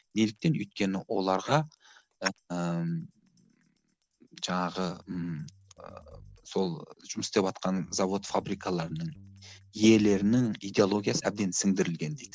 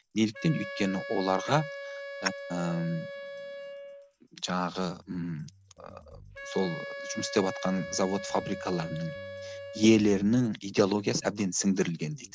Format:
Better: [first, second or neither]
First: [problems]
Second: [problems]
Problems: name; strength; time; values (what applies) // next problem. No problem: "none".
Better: first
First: none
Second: background sound (Wind instrument, woodwind instrument); 12 dB below the speech